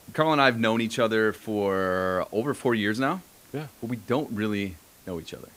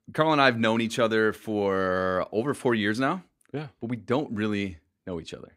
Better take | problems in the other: second | hiss; faint; throughout; 25 dB below the speech

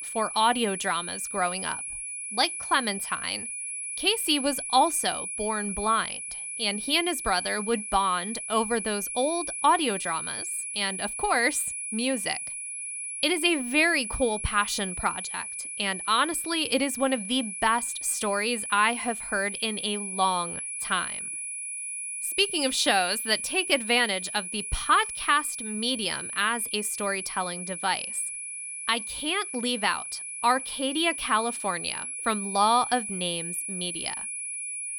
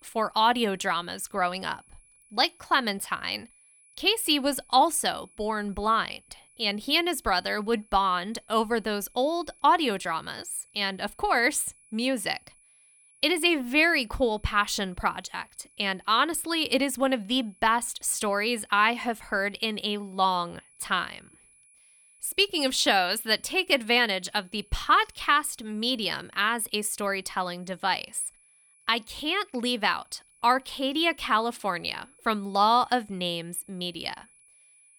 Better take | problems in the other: second | high-pitched whine; loud; throughout; 10 kHz, 6 dB below the speech; faint in the second

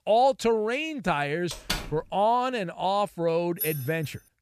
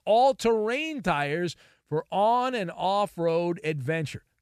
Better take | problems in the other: second | door banging; noticeable; at 1.5 s; peak 5 dB below the speech // jangling keys; noticeable; at 3.5 s; peak 5 dB below the speech

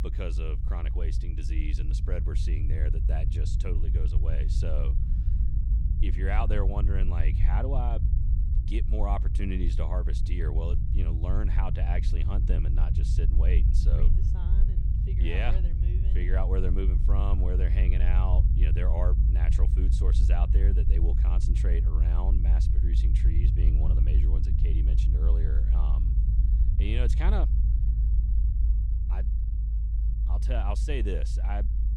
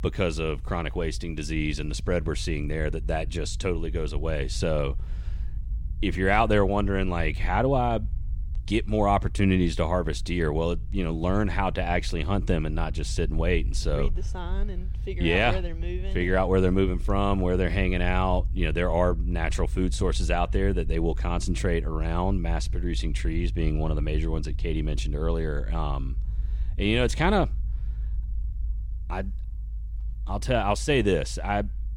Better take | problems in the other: second | low rumble; loud; throughout; 5 dB below the speech; faint in the second

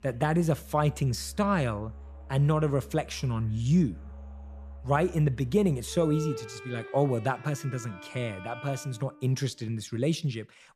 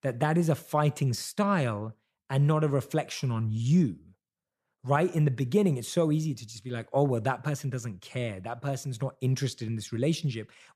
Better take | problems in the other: second | background music; noticeable; throughout; 15 dB below the speech

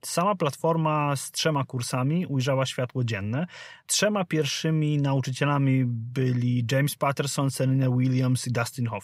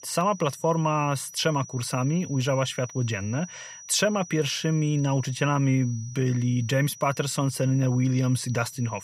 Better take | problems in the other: first | high-pitched whine; noticeable; throughout; 6 kHz, 15 dB below the speech

